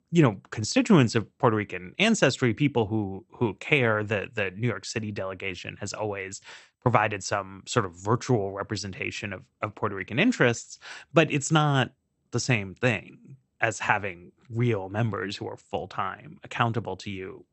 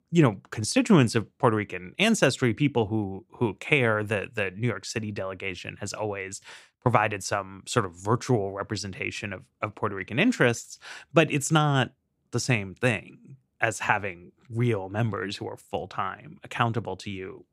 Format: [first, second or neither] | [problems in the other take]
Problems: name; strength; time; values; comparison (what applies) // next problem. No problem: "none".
second | garbled, watery; slightly; nothing above 8 kHz